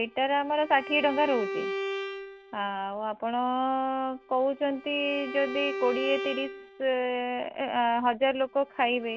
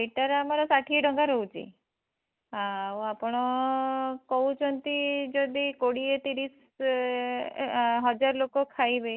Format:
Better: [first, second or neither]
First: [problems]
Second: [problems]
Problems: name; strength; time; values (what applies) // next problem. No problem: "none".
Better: second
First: background sound (Bowed string instrument); 10 dB below the speech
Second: none